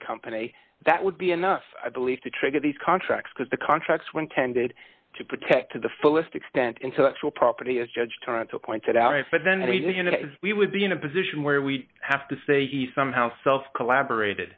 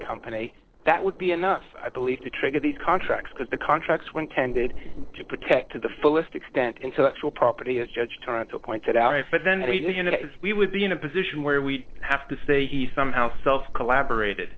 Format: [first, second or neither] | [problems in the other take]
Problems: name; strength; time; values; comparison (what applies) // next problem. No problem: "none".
first | noise reduction (neural separator model SepFormer DNS4)